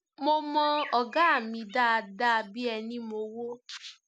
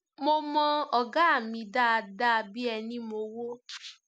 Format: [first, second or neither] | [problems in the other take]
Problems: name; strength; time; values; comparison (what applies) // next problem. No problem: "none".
second | background sound (Bird); 16 dB below the speech